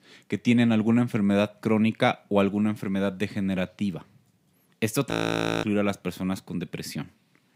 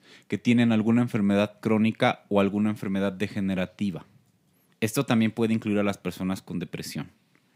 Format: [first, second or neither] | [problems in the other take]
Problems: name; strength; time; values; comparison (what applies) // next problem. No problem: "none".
second | audio freezing; at 5 s for 0.5 s